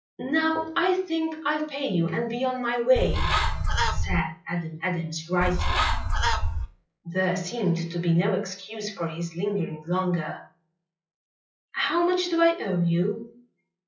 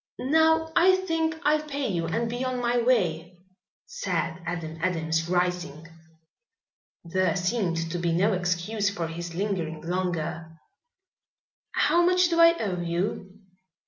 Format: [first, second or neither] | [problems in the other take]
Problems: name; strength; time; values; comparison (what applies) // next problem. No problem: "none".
second | noise reduction (classical method WPE with log-MMSE)